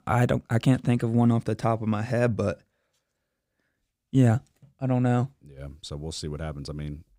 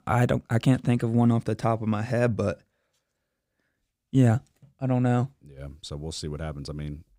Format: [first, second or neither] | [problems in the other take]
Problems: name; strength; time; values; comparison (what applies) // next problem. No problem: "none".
neither | none